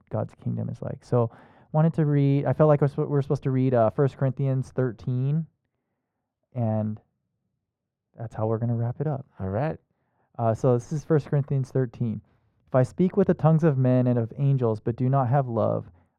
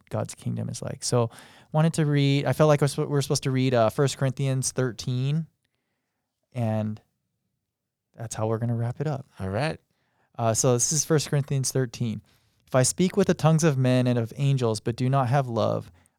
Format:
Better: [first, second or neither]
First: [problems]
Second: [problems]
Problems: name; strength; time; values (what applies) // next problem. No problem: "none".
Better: second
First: muffled; very; fading above 2.5 kHz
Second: none